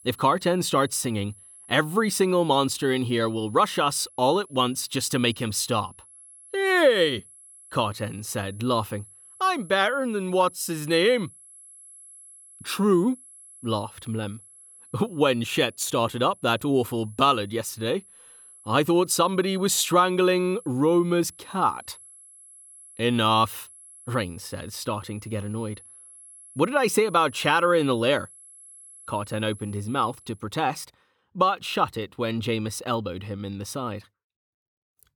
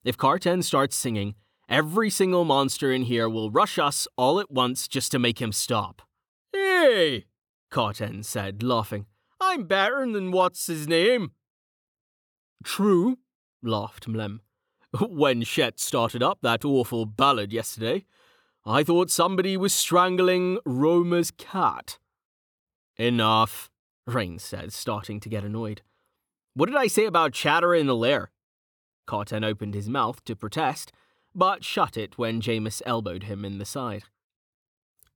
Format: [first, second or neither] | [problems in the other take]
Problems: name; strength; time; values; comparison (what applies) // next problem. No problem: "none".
second | high-pitched whine; faint; until 30 s; 11 kHz, 20 dB below the speech